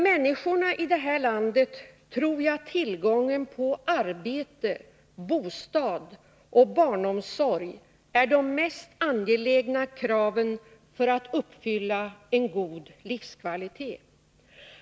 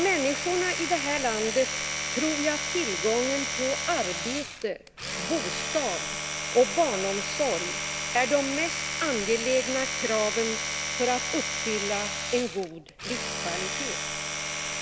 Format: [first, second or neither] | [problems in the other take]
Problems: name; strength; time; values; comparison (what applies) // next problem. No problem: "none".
first | background sound (Domestic sounds, home sounds); 2 dB below the speech